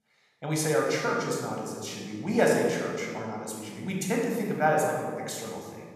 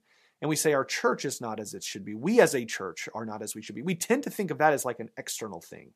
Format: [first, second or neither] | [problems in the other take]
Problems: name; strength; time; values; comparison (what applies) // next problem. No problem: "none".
second | off-mic speech; somewhat distant // room echo; noticeable; dies away in 1.5 s